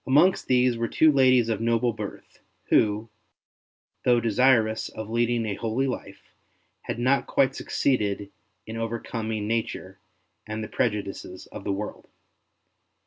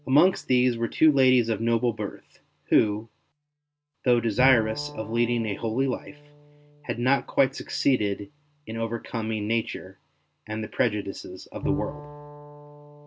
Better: first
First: none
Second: background sound (Bowed string instrument); 16 dB below the speech

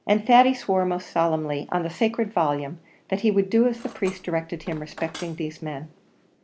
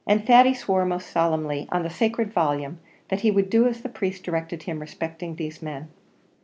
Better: second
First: background sound (Cutlery, silverware); 20 dB below the speech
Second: none

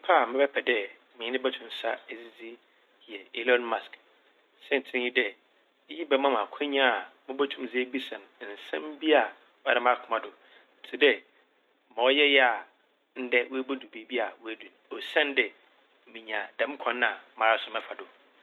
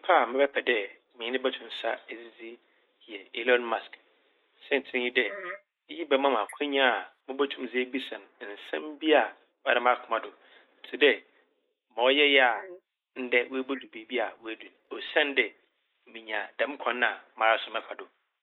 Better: first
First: none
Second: noise reduction (neural mask model Resemble Enhance denoiser)

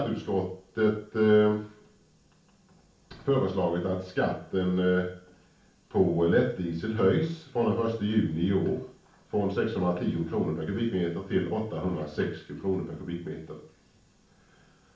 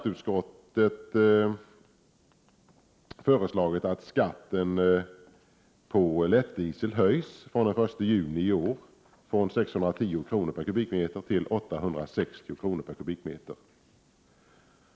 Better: second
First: room echo; dies away in 0.4 s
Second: none

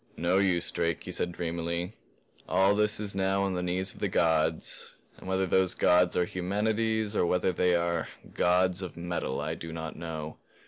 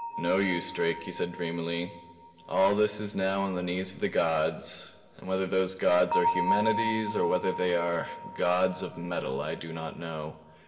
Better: first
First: none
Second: background sound (Bell); 7 dB below the speech // room echo; dies away in 2.5 s

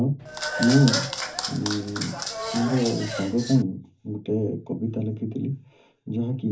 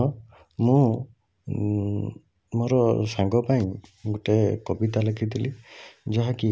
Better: second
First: background sound (Applause / Clapping); 5 dB below the speech // room echo; dies away in 0.3 s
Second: none

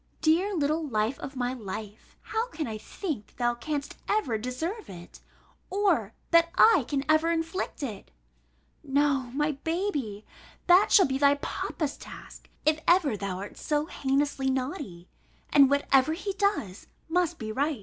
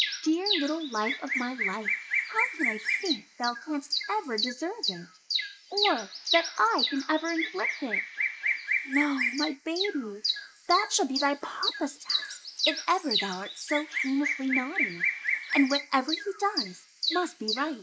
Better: first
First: none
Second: noise reduction (neural mask model Resemble Enhance denoiser)

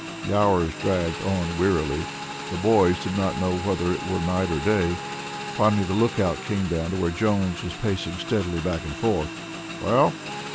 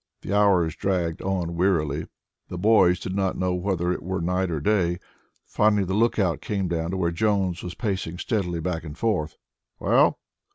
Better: second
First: background sound (Motorcycle / Engine); 9 dB below the speech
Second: none

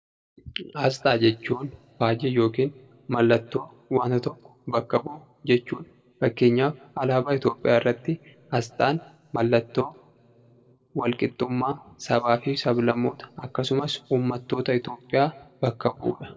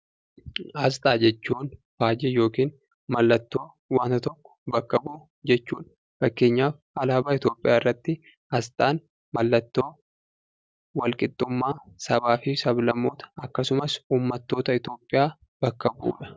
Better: second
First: room echo; dies away in 0.8 s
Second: none

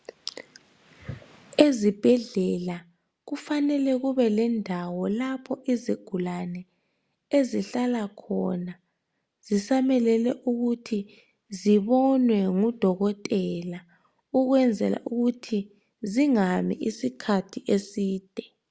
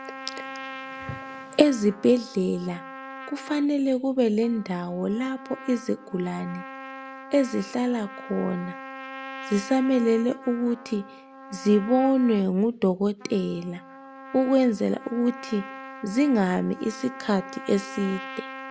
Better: first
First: none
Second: background sound (Trumpet); 15 dB below the speech

